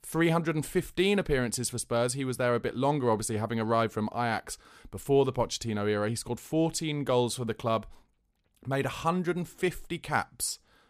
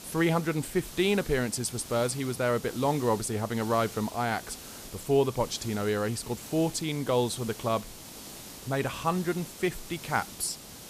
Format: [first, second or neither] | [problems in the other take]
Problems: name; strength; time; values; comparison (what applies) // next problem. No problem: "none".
first | hiss; noticeable; throughout; 15 dB below the speech